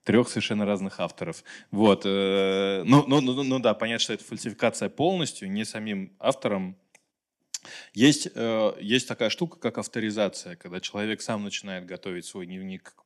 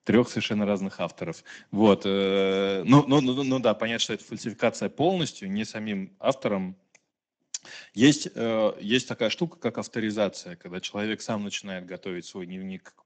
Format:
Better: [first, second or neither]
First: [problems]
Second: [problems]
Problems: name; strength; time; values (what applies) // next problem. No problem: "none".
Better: first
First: none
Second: garbled, watery; slightly; nothing above 8 kHz